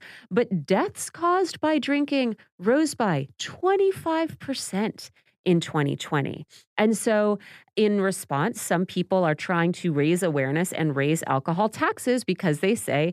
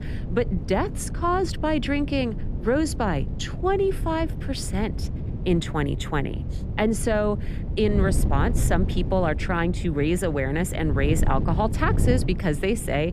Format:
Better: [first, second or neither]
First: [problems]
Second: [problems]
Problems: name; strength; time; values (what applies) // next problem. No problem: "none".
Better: first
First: none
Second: wind noise on the microphone; occasional gusts; 15 dB below the speech